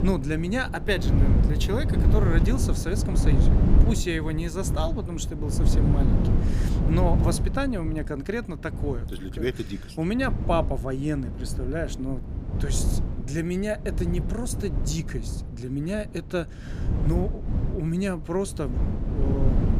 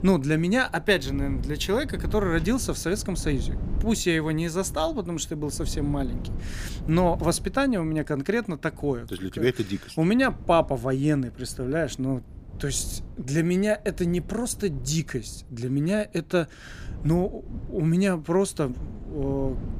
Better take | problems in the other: second | wind noise on the microphone; heavy; 6 dB below the speech; occasional gusts in the second

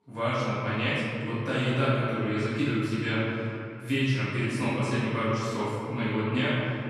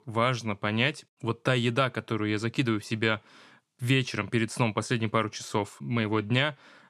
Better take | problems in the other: second | off-mic speech; far // room echo; strong; dies away in 2.3 s

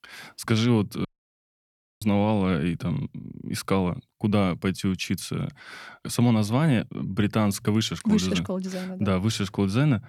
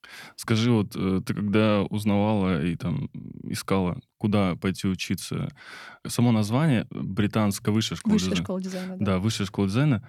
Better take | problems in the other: second | audio cutting out; at 1 s for 1 s

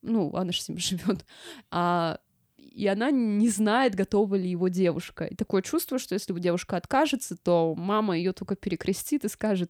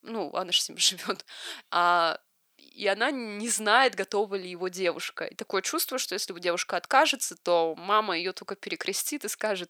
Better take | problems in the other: first | thin; very; fading below 550 Hz

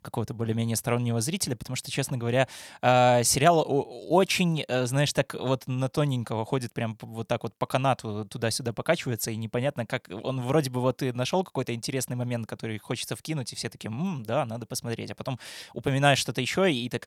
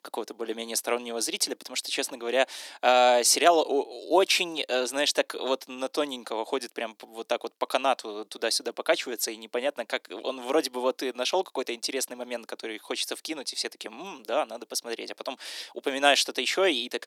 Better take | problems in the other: first | thin; somewhat; fading below 300 Hz

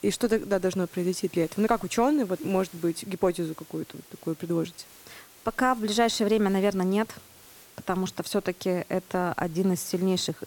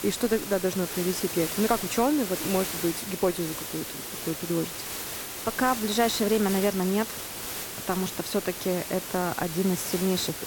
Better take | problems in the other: first | hiss; loud; throughout; 5 dB below the speech; faint in the first

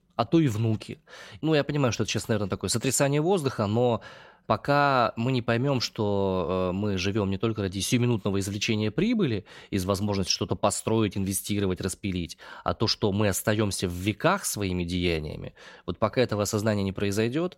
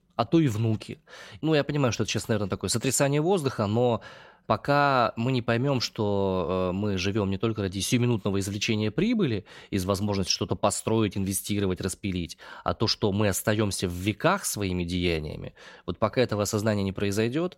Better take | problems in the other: neither | none

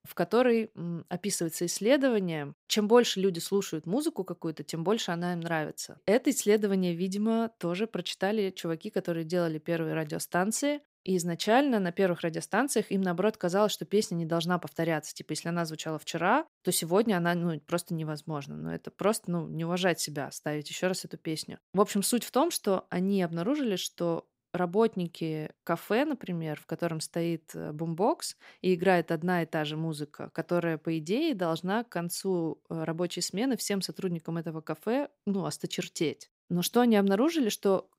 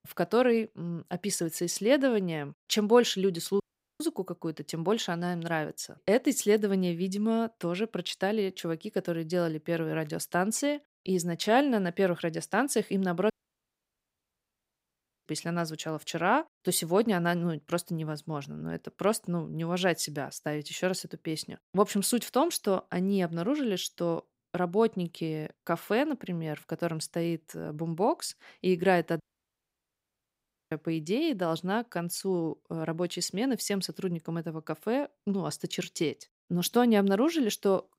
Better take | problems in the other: first | audio cutting out; at 3.5 s, at 13 s for 2 s and at 29 s for 1.5 s

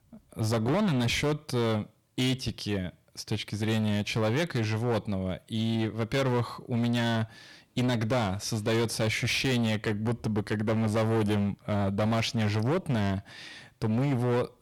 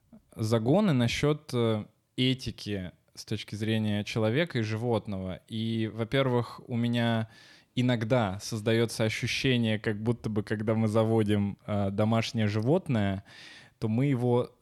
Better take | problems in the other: second | distortion; heavy; 18% of the sound clipped

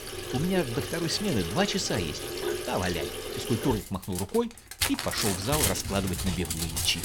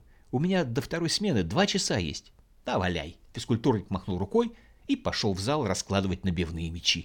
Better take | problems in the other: second | household noises; loud; throughout; 2 dB below the speech

